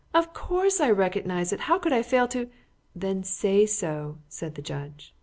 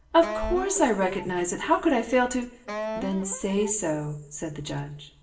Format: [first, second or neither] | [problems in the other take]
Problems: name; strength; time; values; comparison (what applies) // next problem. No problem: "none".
first | background sound (Wind instrument, woodwind instrument); 10 dB below the speech // room echo; dies away in 0.6 s